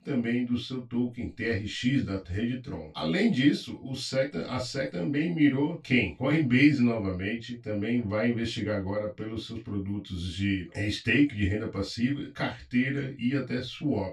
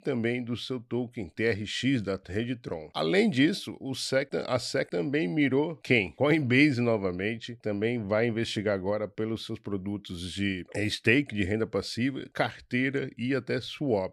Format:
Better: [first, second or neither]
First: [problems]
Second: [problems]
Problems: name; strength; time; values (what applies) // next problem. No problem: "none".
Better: second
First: room echo; slight; dies away in 0.2 s // off-mic speech; far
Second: none